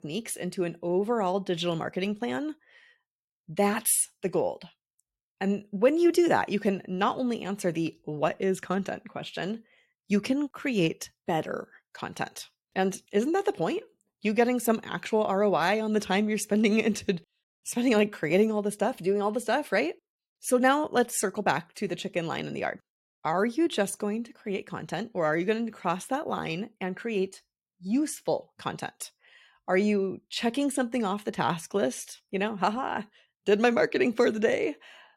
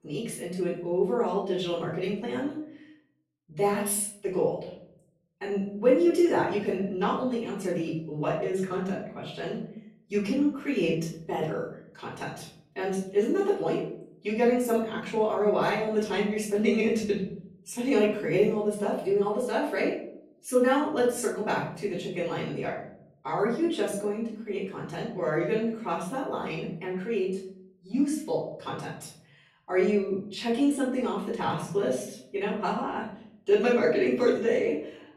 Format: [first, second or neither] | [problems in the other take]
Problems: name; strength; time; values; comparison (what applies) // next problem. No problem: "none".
first | off-mic speech; far // room echo; noticeable; dies away in 0.7 s